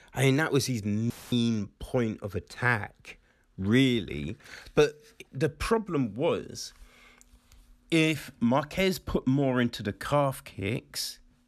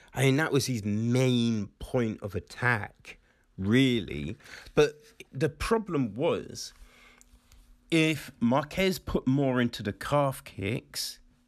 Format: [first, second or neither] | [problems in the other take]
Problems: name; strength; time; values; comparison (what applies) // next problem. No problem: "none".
second | audio cutting out; filled with static; at 1 s